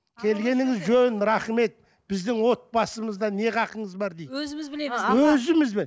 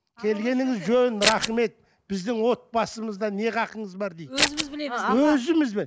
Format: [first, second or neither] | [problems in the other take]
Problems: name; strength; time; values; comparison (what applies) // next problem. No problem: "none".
first | background sound (Scissors); as loud as the speech